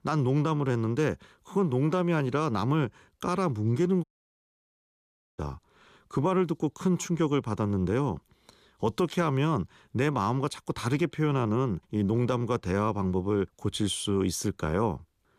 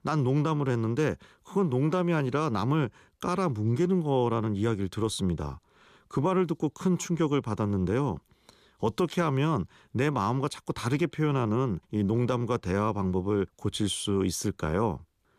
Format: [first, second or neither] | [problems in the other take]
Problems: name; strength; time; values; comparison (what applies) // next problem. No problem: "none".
second | audio cutting out; at 4 s for 1.5 s